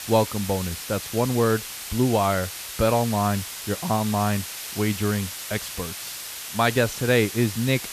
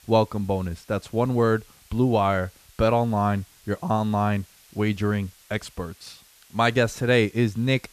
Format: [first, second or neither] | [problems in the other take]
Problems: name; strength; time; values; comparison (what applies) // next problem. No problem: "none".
second | hiss; loud; throughout; 8 dB below the speech; faint in the second